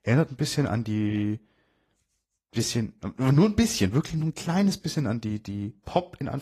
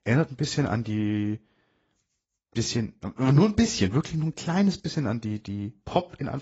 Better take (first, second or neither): first